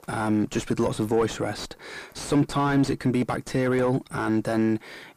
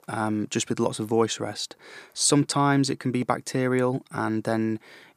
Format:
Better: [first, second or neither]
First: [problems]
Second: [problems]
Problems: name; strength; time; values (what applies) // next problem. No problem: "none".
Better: second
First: distortion; heavy; 5 dB below the speech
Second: none